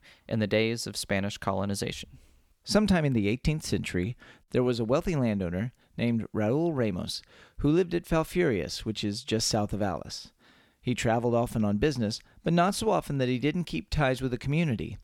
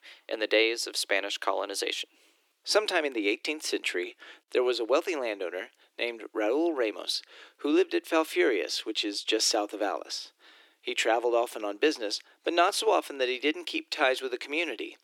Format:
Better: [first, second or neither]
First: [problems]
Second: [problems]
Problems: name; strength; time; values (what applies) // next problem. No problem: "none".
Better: first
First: none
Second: thin; very; fading below 300 Hz